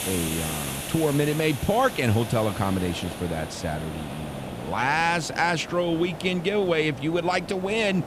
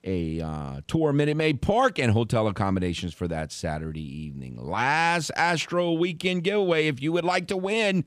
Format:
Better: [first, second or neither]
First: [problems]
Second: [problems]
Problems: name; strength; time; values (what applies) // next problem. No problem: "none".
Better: second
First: hiss; loud; throughout; 9 dB below the speech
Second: none